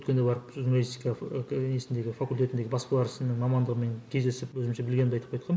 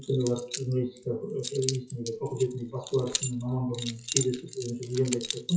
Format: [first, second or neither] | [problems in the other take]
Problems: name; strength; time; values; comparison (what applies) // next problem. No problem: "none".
first | noise reduction (classical method WPE with log-MMSE)